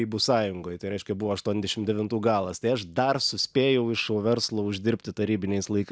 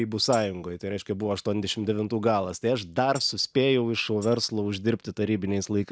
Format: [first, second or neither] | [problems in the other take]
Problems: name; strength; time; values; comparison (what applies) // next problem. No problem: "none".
first | noise reduction (neural mask model RNNoise)